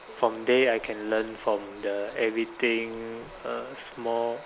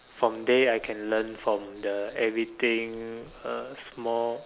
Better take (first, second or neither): second